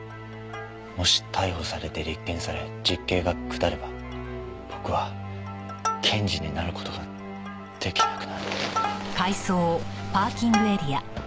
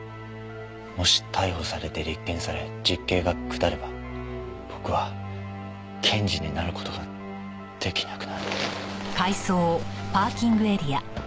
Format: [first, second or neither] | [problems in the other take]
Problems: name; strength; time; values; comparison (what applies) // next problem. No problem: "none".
second | background sound (Plucked string instrument); 8 dB below the speech